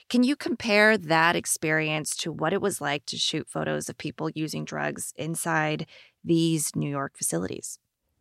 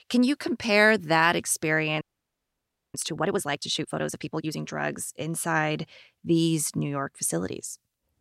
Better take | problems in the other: first | audio freezing; at 2 s for 1 s

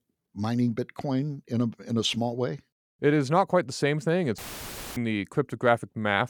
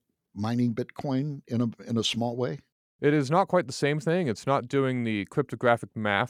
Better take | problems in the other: second | audio cutting out; filled with static; at 4.5 s for 0.5 s

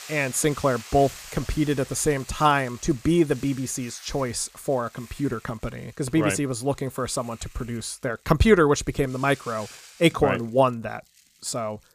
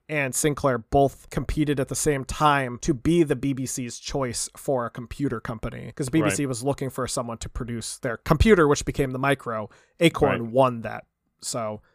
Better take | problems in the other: second | hiss; noticeable; throughout; 20 dB below the speech

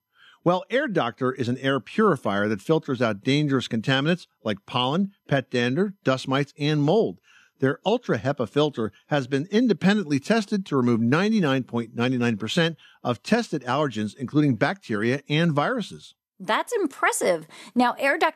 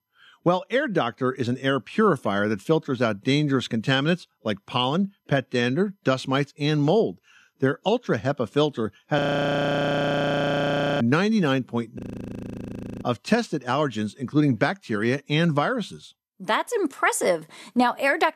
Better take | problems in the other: first | audio freezing; at 9 s for 2 s and at 12 s for 1 s

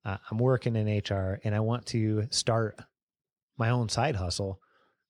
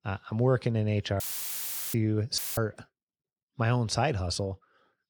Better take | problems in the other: first | audio cutting out; filled with static; at 1 s for 0.5 s and at 2.5 s

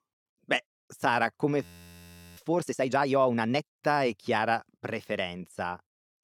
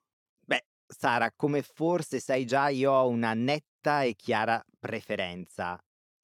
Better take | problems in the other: second | audio freezing; at 1.5 s for 0.5 s

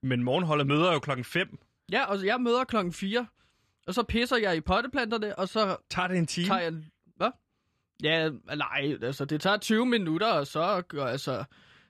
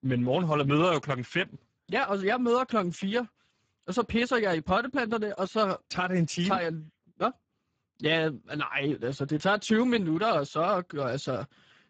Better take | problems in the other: first | garbled, watery; badly; nothing above 7.5 kHz

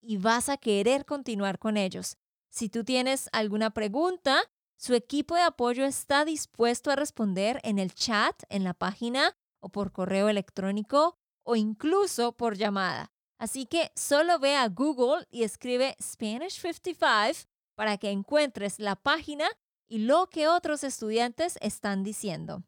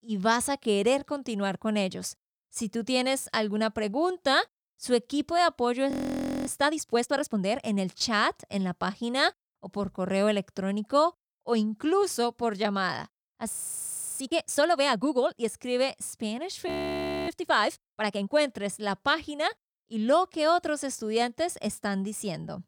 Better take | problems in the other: first | audio freezing; at 6 s for 0.5 s, at 14 s for 0.5 s and at 17 s for 0.5 s

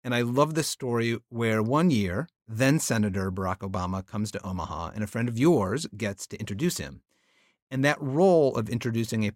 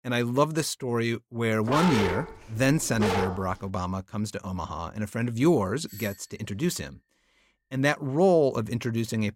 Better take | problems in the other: first | dog barking; loud; from 1.5 to 3.5 s; peak 1 dB above the speech // doorbell; faint; at 6 s; peak 15 dB below the speech

